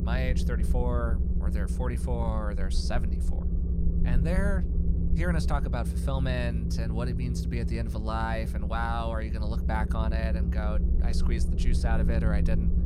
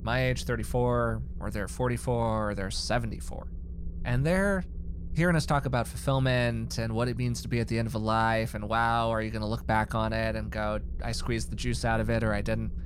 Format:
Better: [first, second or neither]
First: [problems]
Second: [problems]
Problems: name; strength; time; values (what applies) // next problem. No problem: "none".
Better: second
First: low rumble; loud; throughout; 7 dB below the speech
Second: low rumble; faint; throughout; 25 dB below the speech